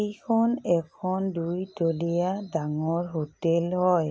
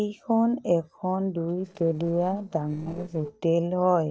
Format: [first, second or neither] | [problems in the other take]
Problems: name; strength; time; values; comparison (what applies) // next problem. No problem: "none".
first | noise reduction (neural separator model SepFormer DNS4)